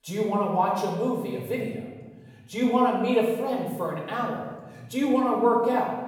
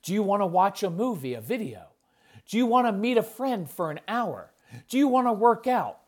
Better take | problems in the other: second | off-mic speech; far // room echo; noticeable; dies away in 1.2 s

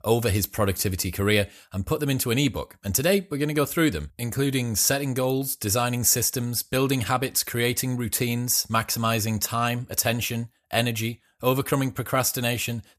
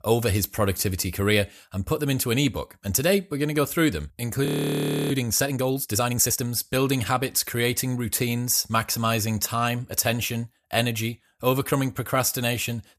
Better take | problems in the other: first | audio freezing; at 4.5 s for 0.5 s

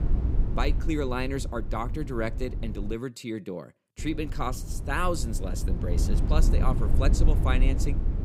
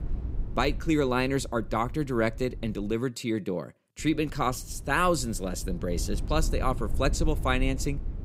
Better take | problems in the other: second | low rumble; loud; until 3 s and from 4 s on; 9 dB below the speech; faint in the second

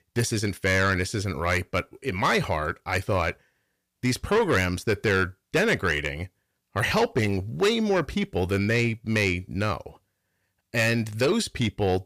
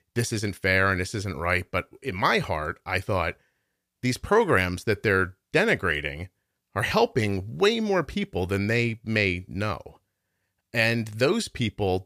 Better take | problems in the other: second | distortion; slight; 10 dB below the speech

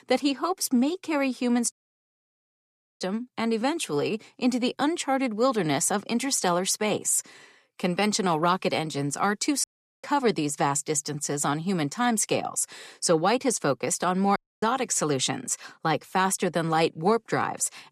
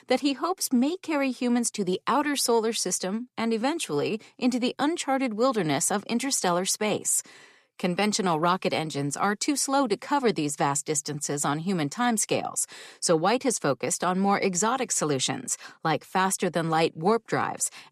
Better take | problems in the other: second | audio cutting out; at 1.5 s for 1.5 s, at 9.5 s and at 14 s

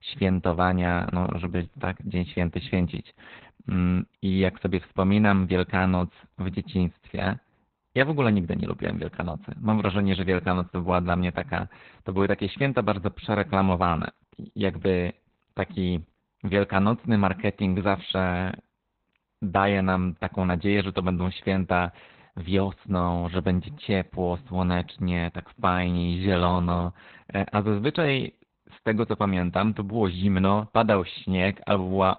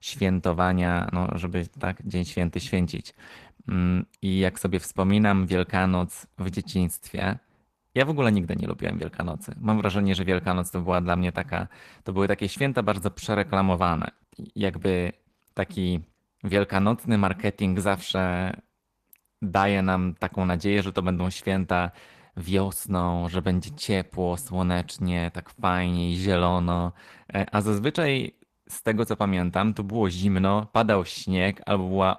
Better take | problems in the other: second | garbled, watery; badly; nothing above 4 kHz; slightly in the second

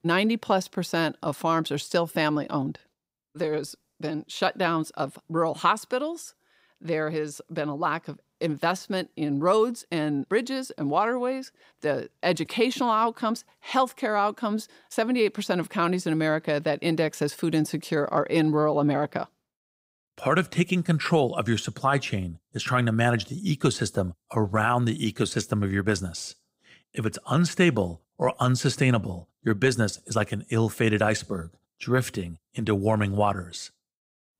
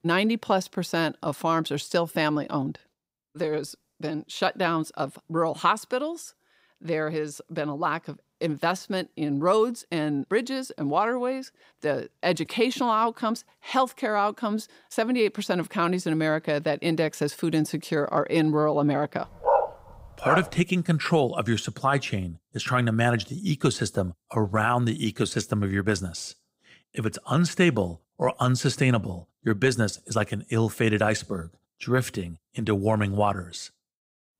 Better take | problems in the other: first | dog barking; loud; from 19 to 20 s; peak 2 dB above the speech

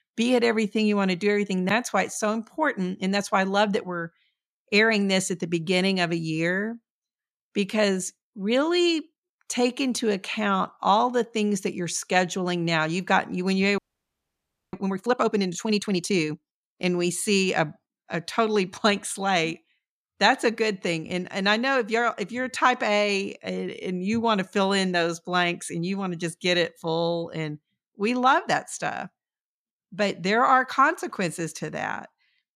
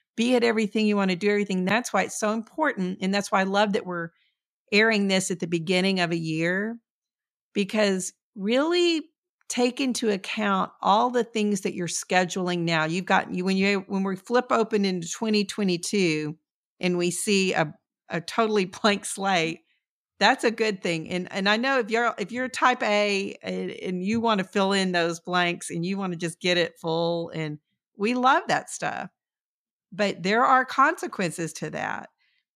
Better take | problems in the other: second | audio freezing; at 14 s for 1 s

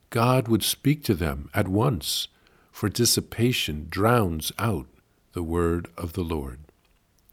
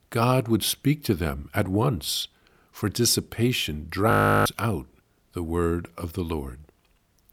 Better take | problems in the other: first | audio freezing; at 4 s

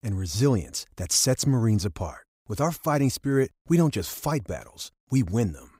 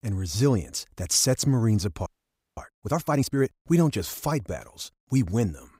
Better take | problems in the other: first | audio freezing; at 2 s for 0.5 s

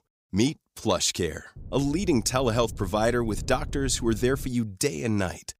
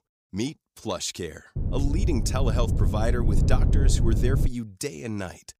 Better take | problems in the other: first | wind noise on the microphone; heavy; from 1.5 to 4.5 s; 5 dB below the speech; occasional gusts in the first

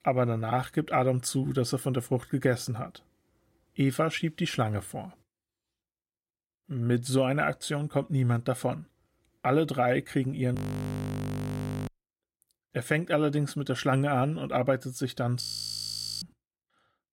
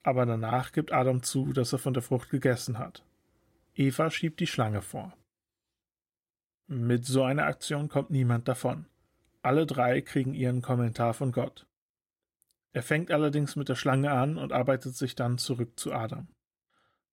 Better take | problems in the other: second | audio freezing; at 11 s for 1.5 s and at 15 s for 1 s

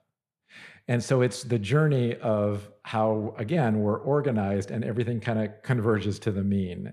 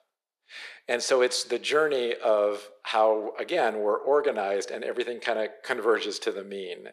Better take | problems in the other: first | thin; very; fading below 400 Hz

